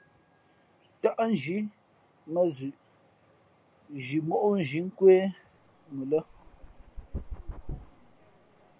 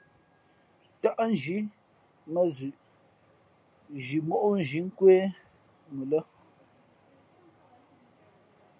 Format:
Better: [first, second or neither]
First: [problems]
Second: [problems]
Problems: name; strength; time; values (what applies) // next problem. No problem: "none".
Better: second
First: background sound (Dog); 12 dB below the speech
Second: none